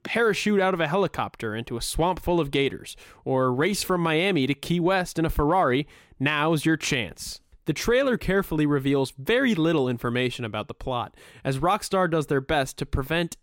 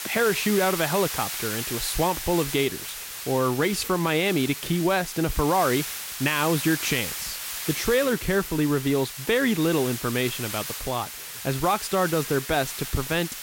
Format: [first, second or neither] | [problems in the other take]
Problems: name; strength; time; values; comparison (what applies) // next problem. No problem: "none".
first | hiss; loud; throughout; 6 dB below the speech